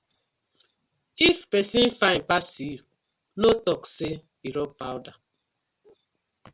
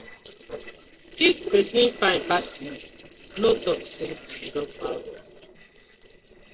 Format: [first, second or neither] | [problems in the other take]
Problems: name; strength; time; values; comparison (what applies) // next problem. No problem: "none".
first | noise reduction (neural separator model SepFormer DNS4)